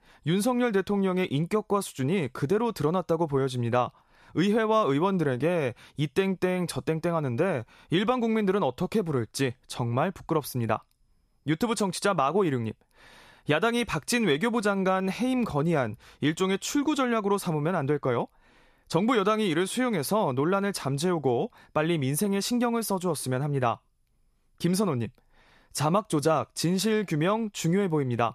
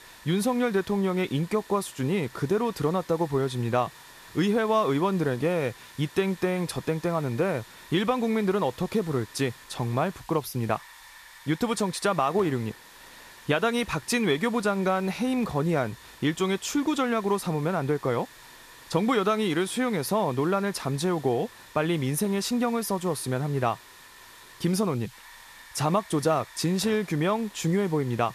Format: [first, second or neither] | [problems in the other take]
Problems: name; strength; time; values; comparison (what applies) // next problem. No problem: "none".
first | hiss; faint; throughout; 20 dB below the speech